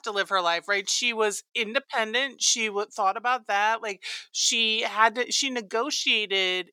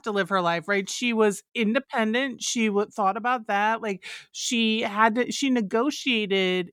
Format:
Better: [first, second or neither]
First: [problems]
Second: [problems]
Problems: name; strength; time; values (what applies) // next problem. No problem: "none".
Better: second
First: thin; somewhat; fading below 500 Hz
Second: none